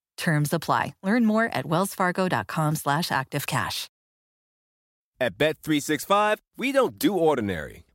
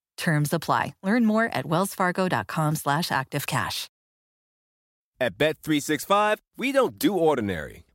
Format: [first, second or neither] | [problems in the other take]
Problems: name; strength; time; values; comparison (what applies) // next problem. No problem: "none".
neither | none